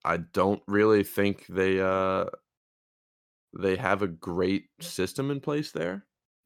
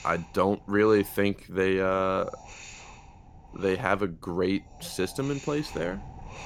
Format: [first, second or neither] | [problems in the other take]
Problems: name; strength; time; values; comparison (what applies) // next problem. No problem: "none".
first | wind noise on the microphone; occasional gusts; 20 dB below the speech